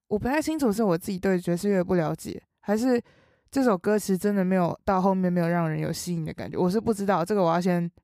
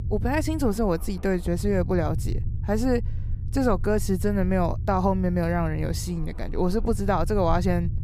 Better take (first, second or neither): first